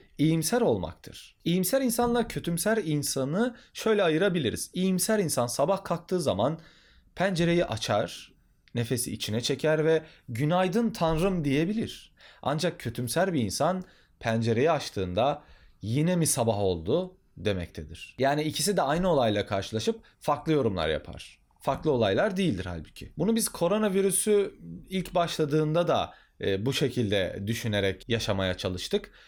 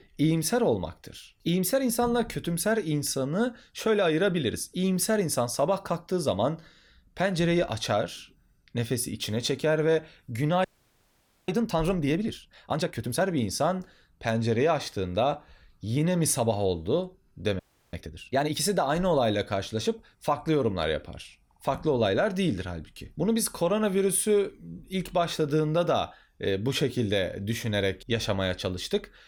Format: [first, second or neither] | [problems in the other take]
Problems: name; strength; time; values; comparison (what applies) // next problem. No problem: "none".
first | audio freezing; at 11 s for 1 s and at 18 s